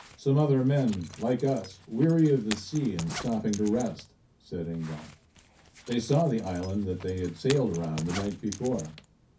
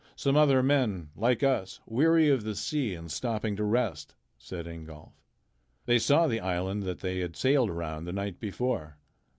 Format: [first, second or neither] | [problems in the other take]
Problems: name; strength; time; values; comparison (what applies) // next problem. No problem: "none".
second | background sound (Zipper (clothing)); 16 dB below the speech // room echo; dies away in 0.3 s